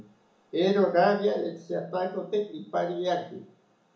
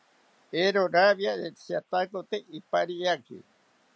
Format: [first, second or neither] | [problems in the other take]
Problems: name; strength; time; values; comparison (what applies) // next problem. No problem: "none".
second | room echo; dies away in 0.8 s